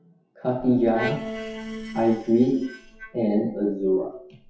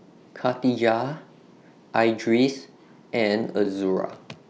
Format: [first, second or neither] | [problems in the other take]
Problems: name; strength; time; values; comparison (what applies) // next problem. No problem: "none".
second | noise reduction (classical method WPE with log-MMSE)